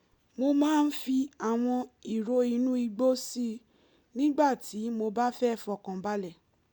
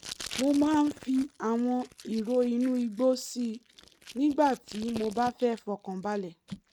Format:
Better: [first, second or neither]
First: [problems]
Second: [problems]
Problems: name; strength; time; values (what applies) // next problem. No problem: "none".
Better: first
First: none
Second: noise reduction (neural mask model RNNoise)